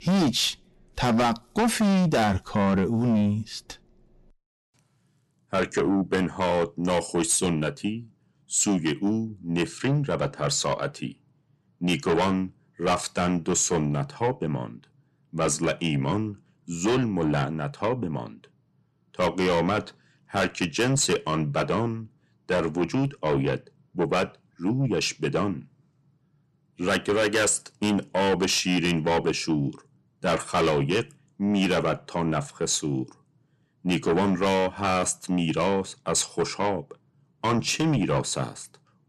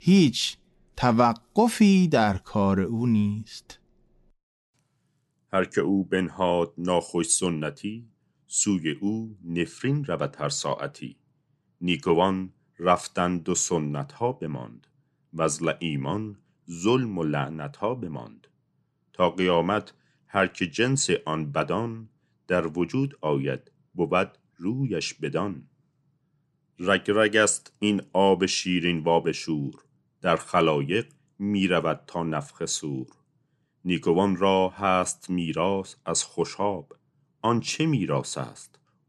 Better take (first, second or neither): second